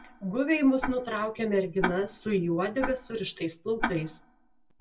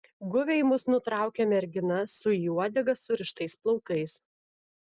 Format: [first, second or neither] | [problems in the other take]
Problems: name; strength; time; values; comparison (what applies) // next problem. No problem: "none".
second | background sound (Tick-tock); 9 dB below the speech // room echo; dies away in 0.1 s